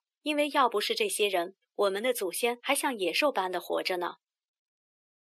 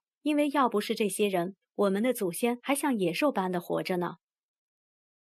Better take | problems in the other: second | thin; somewhat; fading below 350 Hz

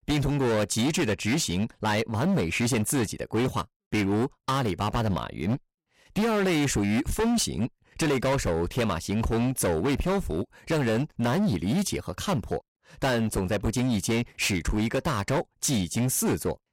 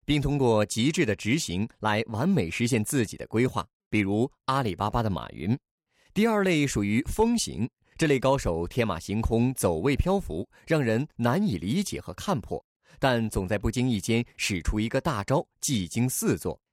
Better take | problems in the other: second | distortion; heavy; 20% of the sound clipped

